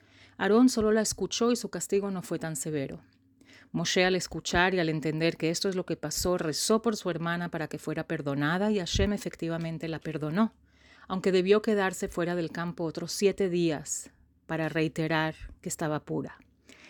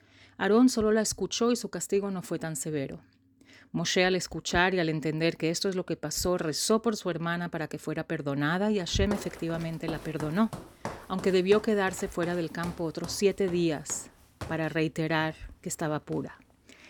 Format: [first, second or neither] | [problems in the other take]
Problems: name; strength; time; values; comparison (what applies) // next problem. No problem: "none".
first | footsteps; faint; from 9 to 16 s; peak 10 dB below the speech